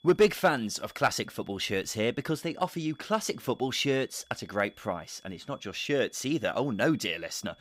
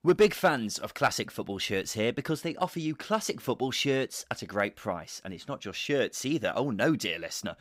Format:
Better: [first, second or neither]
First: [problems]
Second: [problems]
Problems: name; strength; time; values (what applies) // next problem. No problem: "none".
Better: second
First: high-pitched whine; faint; throughout; 3.5 kHz, 30 dB below the speech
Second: none